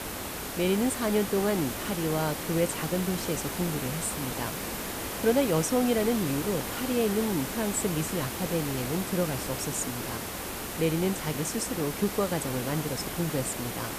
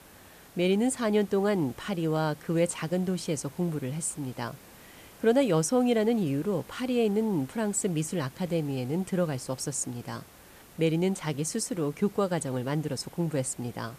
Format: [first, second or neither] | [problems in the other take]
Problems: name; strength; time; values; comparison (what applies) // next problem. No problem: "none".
second | hiss; loud; throughout; 4 dB below the speech; faint in the second